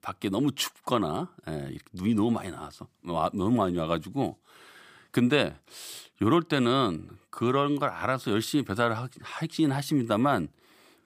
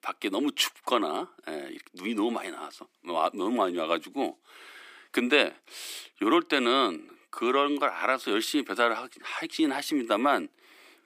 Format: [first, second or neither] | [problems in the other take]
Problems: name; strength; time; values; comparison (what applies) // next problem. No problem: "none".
first | thin; very slightly; fading below 300 Hz